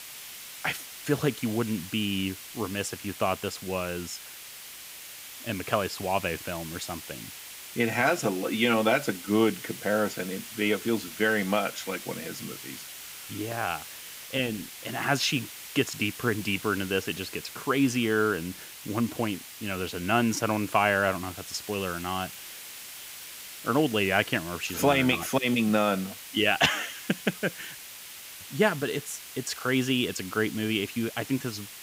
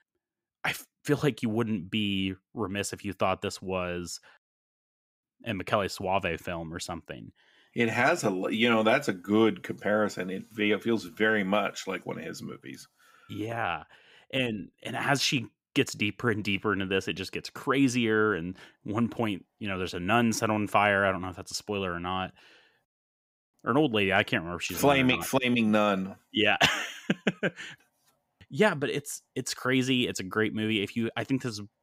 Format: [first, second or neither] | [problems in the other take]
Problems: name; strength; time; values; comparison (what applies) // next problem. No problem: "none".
second | hiss; noticeable; throughout; 10 dB below the speech